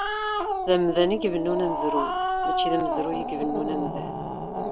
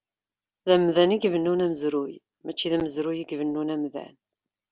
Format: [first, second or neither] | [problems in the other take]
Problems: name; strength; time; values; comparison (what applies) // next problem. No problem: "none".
second | background sound (Growling); 1 dB below the speech